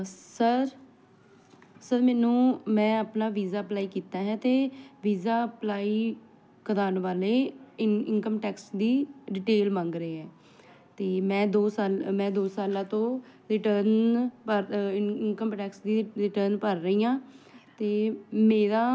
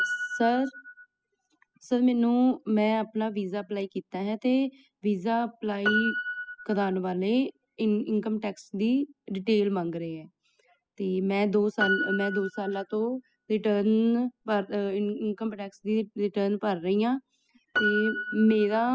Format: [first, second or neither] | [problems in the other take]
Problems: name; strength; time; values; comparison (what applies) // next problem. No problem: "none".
first | noise reduction (classical method spectral subtraction)